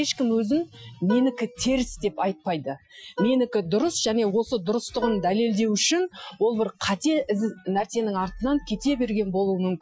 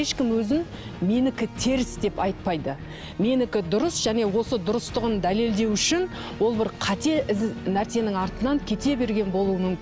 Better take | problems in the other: second | noise reduction (classical method Wiener filter)

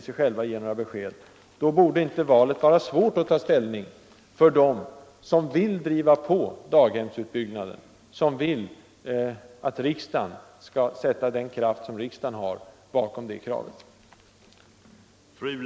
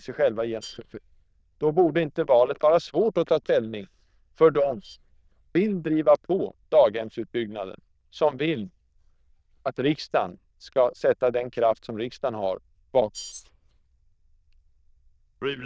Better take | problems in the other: first | noise reduction (neural diffusion model UNIVERSE++)

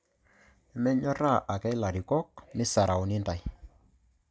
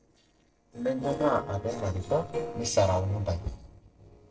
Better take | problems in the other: first | noise reduction (neural separator model SepFormer DNS4)

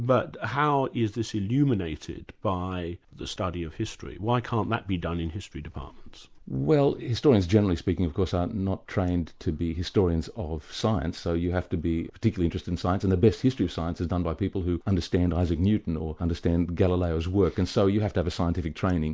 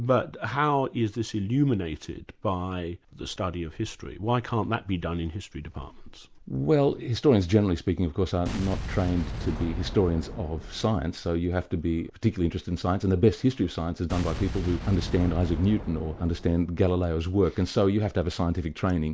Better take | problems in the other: first | background sound (Boom); 9 dB below the speech

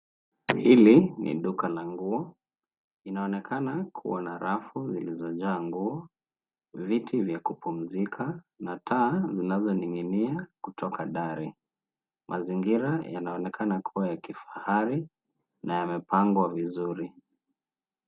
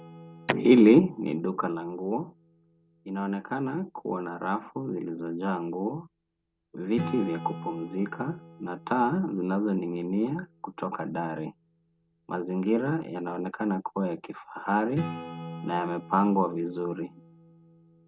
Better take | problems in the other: first | background sound (Acoustic guitar / Strum); 16 dB below the speech

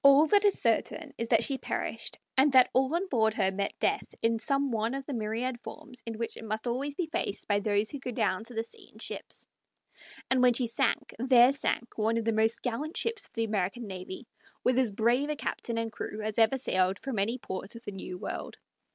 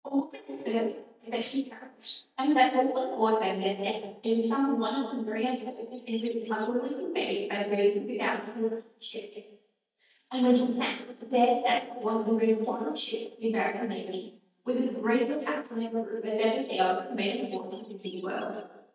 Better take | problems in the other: first | noise reduction (neural mask model DeepFilterNet 3)

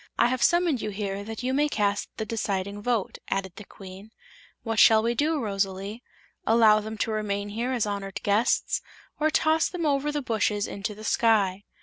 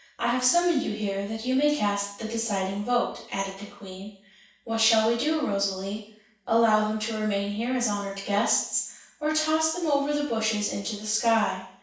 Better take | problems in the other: first | room echo; dies away in 0.7 s

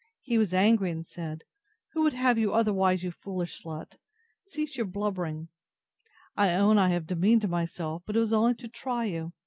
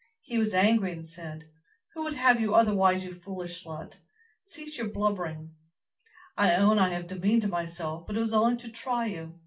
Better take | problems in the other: first | room echo; dies away in 0.2 s

